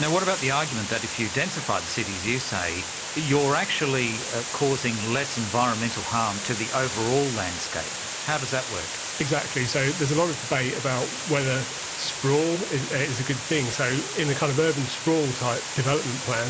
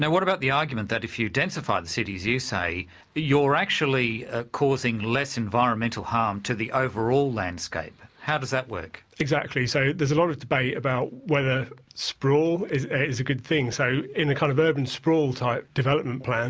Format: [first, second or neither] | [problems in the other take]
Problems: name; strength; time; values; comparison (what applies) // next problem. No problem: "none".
second | background sound (Water); 6 dB below the speech